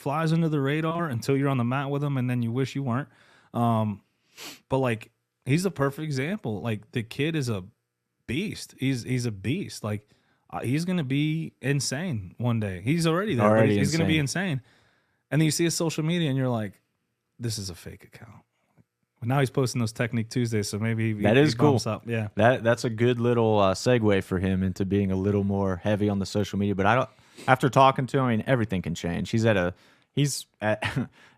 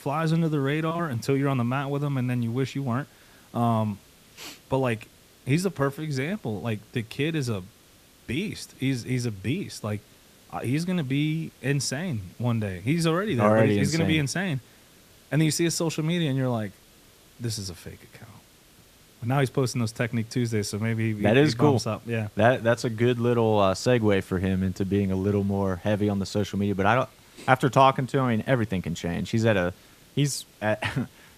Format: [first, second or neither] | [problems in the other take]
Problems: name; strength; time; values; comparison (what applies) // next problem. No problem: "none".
first | hiss; faint; throughout; 30 dB below the speech